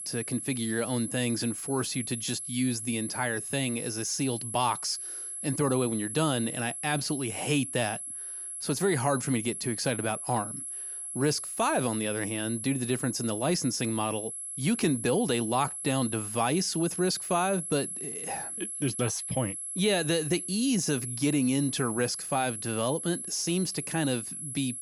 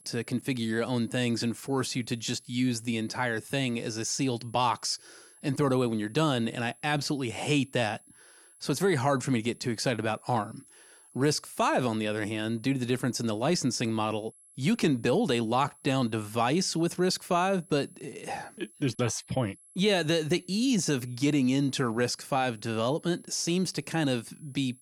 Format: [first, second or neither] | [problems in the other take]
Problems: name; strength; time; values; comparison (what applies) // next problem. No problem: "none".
second | high-pitched whine; loud; throughout; 11 kHz, 5 dB below the speech; faint in the second